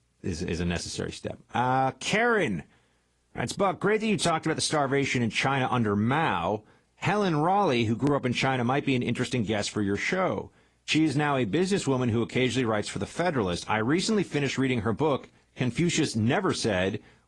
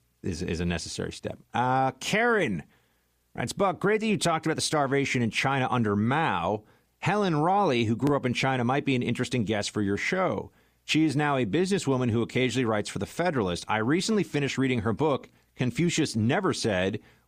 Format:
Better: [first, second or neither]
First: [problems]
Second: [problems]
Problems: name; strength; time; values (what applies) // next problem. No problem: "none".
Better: second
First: garbled, watery; slightly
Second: none